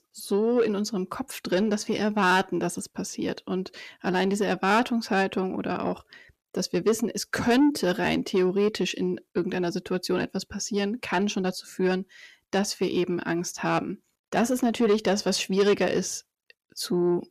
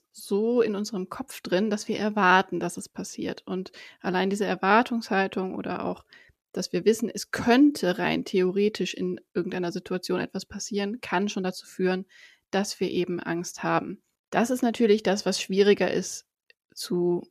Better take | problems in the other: second | distortion; slight; 10 dB below the speech

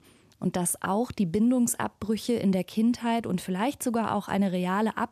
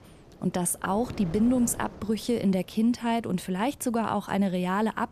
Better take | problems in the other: first | wind noise on the microphone; occasional gusts; 20 dB below the speech

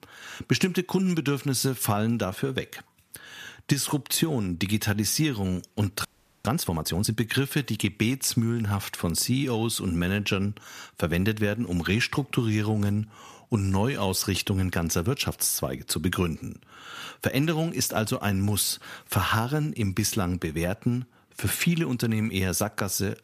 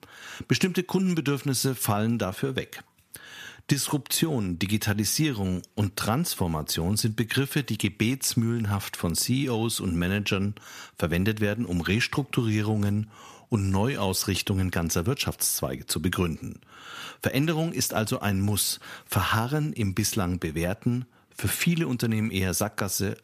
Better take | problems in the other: second | audio freezing; at 6 s

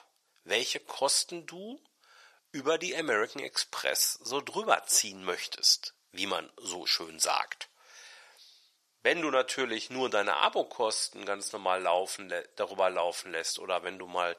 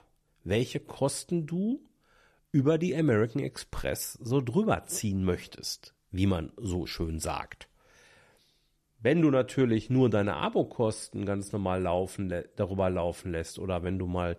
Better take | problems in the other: second | thin; very; fading below 800 Hz

